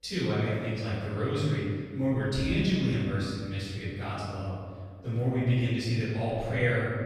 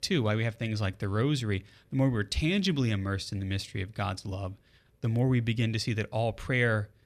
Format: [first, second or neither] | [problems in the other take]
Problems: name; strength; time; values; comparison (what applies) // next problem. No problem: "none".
second | off-mic speech; far // room echo; strong; dies away in 1.7 s